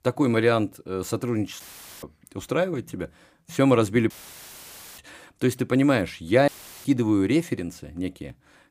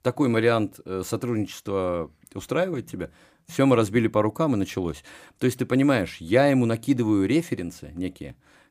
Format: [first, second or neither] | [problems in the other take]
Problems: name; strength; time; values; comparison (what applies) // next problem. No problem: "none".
second | audio cutting out; filled with static; at 1.5 s, at 4 s for 1 s and at 6.5 s